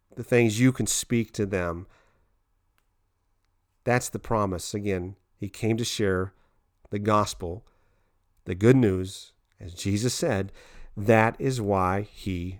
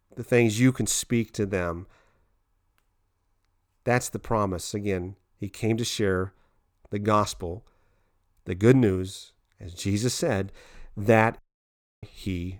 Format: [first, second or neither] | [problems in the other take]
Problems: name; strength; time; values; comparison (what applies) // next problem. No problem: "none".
first | audio cutting out; at 11 s for 0.5 s